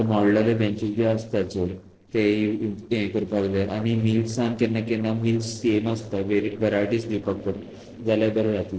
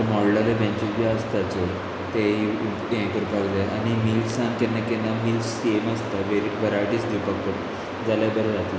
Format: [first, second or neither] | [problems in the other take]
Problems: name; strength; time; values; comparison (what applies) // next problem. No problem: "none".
second | noise reduction (neural separator model SepFormer DNS4)